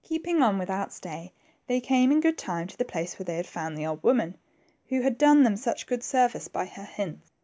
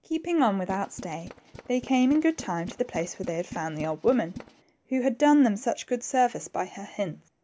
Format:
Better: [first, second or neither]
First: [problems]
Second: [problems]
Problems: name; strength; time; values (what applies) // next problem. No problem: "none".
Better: first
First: none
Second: background sound (Tools); 17 dB below the speech